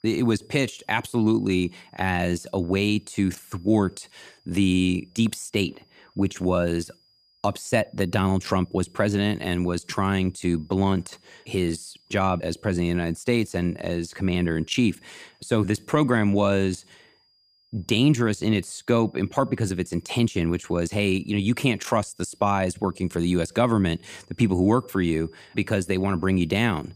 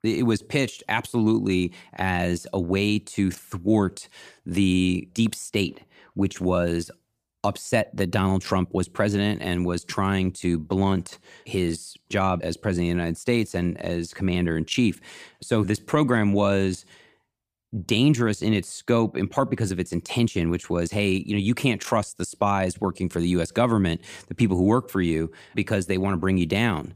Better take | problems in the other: second | high-pitched whine; faint; throughout; 5 kHz, 35 dB below the speech

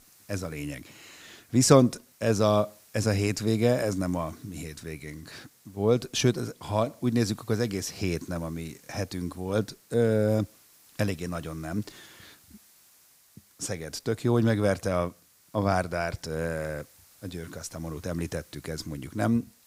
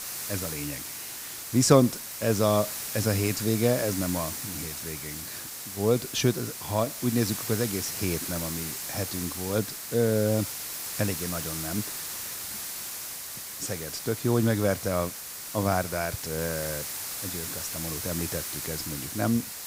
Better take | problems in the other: first | hiss; loud; throughout; 5 dB below the speech; faint in the first

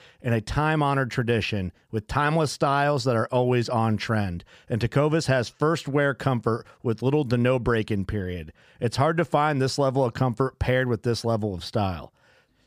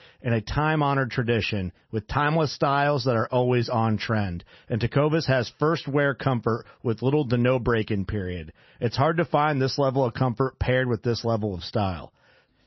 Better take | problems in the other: first | garbled, watery; slightly; nothing above 6 kHz

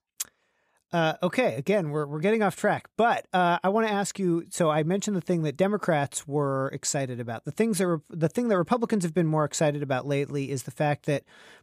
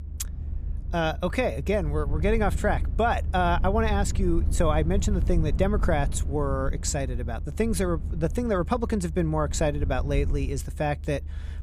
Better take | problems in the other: first | low rumble; noticeable; throughout; 20 dB below the speech

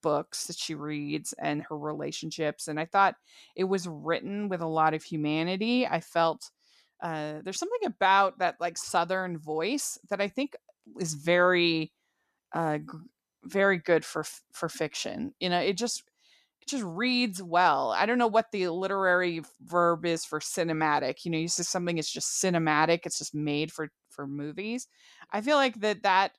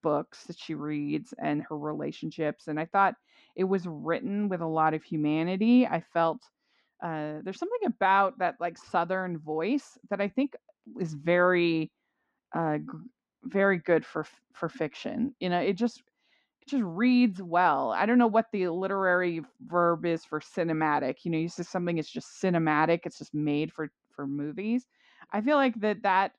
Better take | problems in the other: first | muffled; slightly; fading above 2.5 kHz

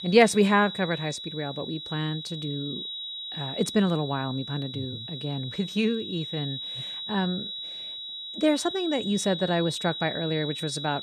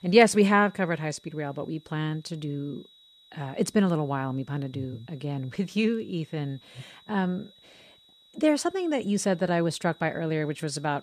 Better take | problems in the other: second | high-pitched whine; loud; throughout; 4 kHz, 7 dB below the speech; faint in the second

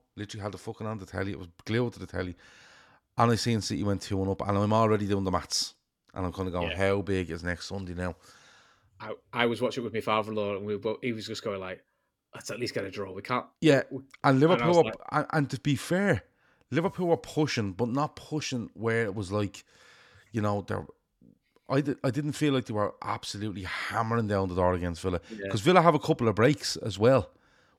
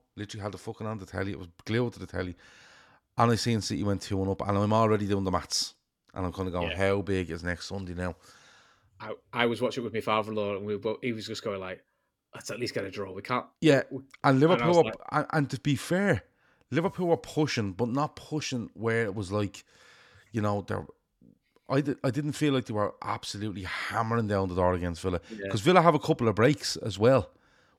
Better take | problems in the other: neither | none

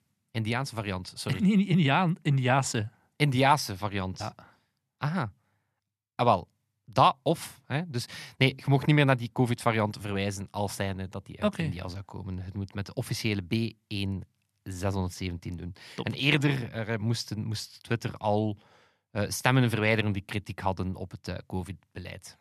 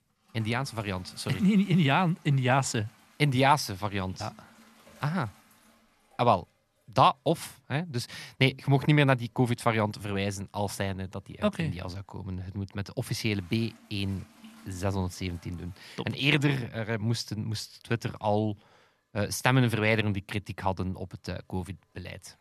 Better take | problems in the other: first | household noises; faint; throughout; 25 dB below the speech

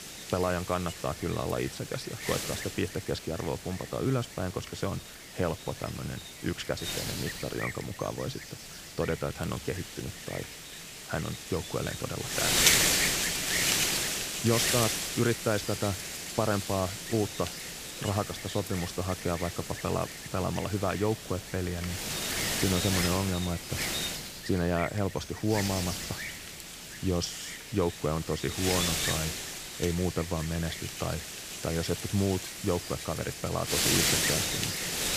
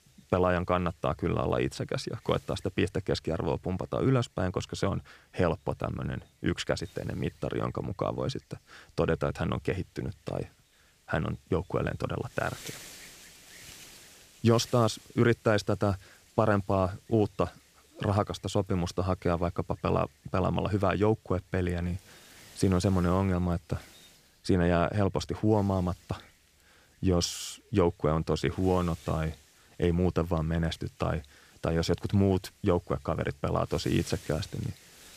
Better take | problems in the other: second | wind noise on the microphone; heavy; 2 dB above the speech; occasional gusts in the second

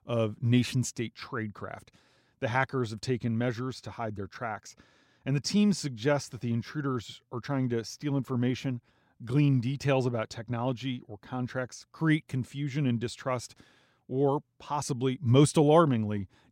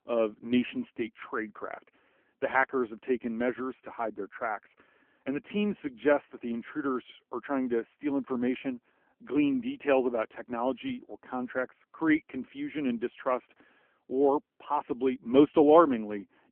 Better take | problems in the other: first | phone-call audio; poor line; nothing above 3 kHz

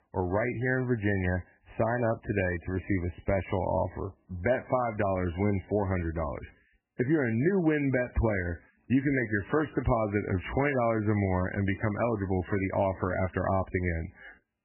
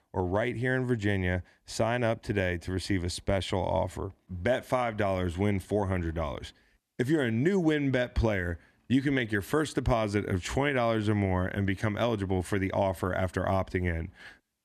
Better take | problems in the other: second | garbled, watery; badly; nothing above 2.5 kHz

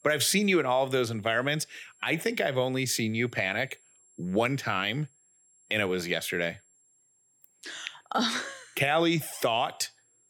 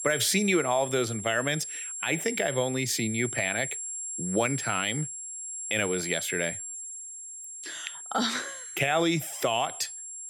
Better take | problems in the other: first | high-pitched whine; loud; throughout; 7.5 kHz, 6 dB below the speech; faint in the first

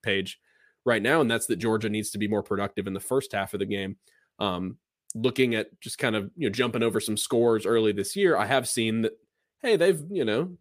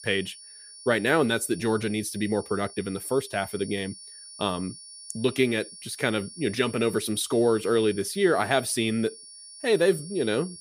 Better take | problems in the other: first | high-pitched whine; noticeable; throughout; 9.5 kHz, 15 dB below the speech

